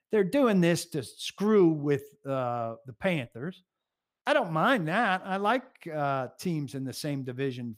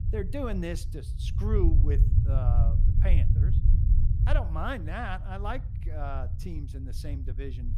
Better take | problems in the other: first | low rumble; loud; throughout; 7 dB below the speech

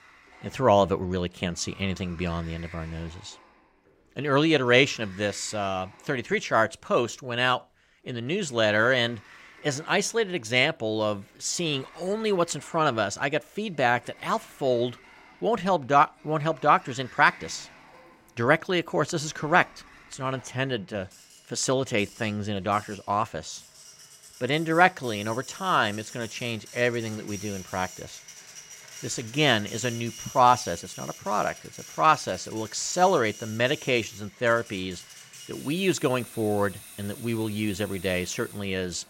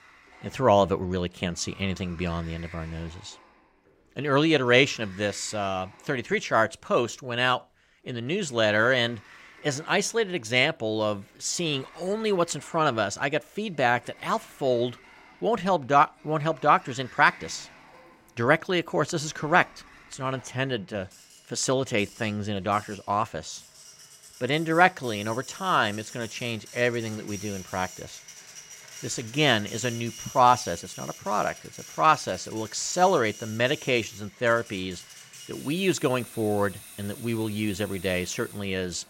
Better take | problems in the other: neither | household noises; noticeable; throughout; 20 dB below the speech; the same in both

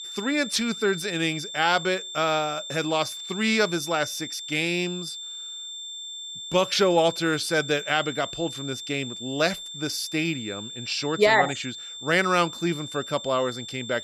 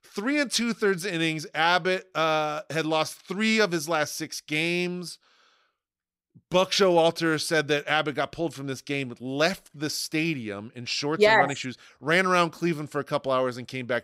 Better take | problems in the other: second | high-pitched whine; loud; throughout; 3.5 kHz, 9 dB below the speech

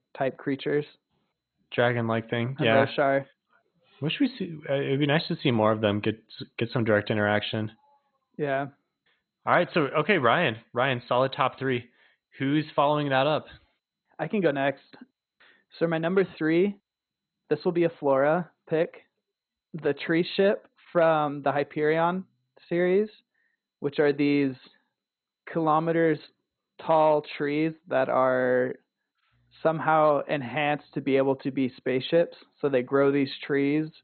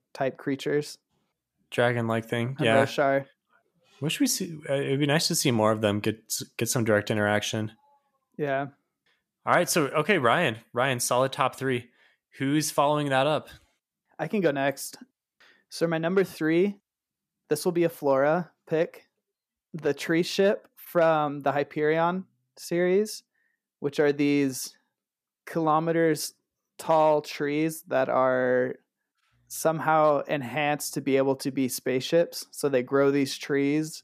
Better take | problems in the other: second | garbled, watery; badly; nothing above 4 kHz

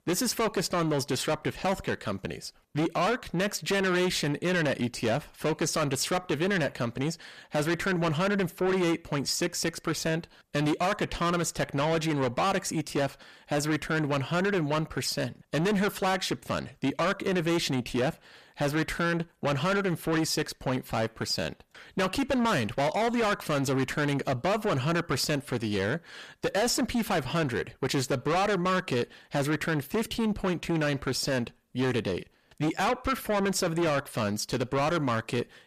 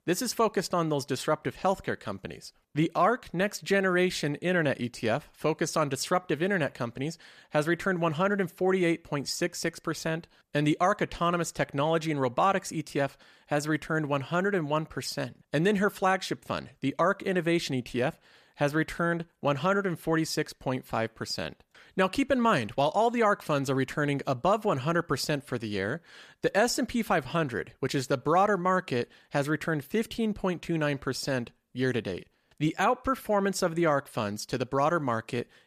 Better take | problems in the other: second | distortion; heavy; 7 dB below the speech

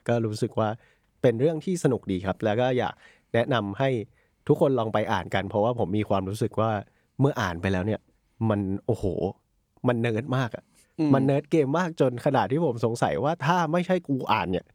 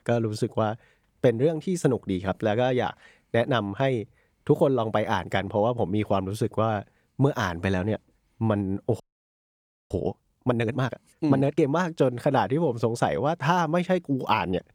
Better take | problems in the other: first | audio freezing; at 9 s for 1 s

